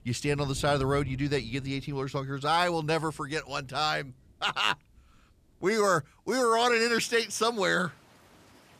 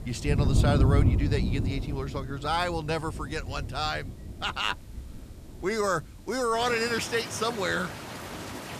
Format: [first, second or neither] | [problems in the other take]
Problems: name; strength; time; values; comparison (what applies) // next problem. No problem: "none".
first | rain or running water; loud; throughout; as loud as the speech; faint in the first